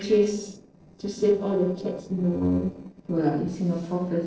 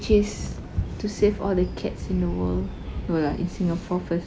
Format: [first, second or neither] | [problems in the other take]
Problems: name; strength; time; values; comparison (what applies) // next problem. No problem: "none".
second | noise reduction (neural separator model SepFormer DNS4)